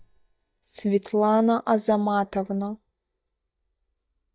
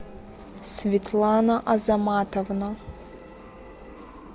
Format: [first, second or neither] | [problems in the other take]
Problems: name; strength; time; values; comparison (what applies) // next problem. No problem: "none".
second | noise reduction (neural mask model DeepFilterNet 3)